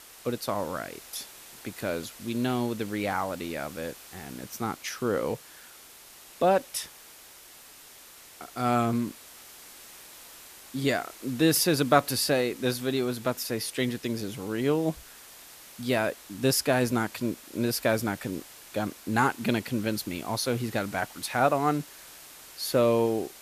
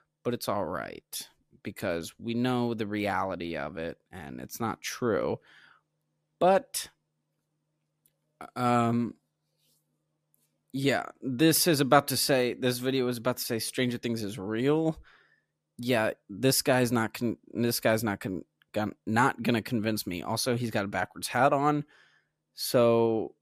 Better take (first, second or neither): second